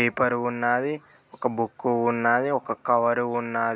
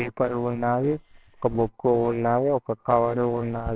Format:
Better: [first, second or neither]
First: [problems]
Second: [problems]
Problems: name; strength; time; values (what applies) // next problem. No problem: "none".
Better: first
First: none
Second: noise reduction (neural separator model SepFormer WHAMR!)